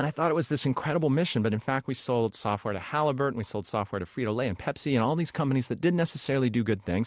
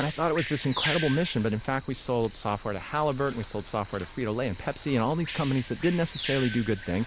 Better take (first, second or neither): first